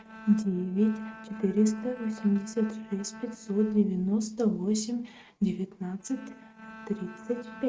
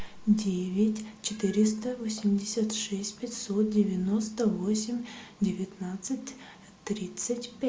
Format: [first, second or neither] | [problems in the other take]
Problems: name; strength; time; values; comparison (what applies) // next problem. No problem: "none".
second | noise reduction (neural mask model RNNoise)